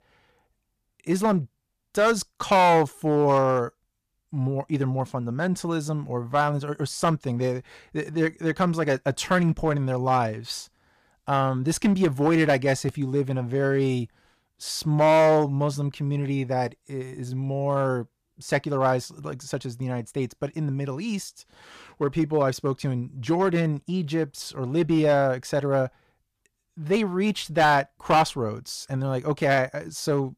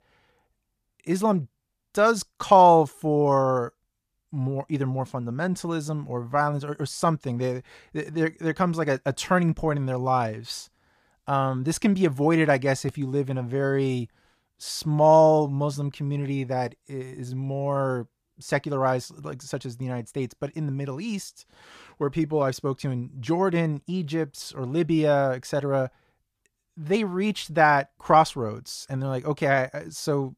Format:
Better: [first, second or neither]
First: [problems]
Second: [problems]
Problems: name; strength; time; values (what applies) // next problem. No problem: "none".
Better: second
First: distortion; slight; 3% of the sound clipped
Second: none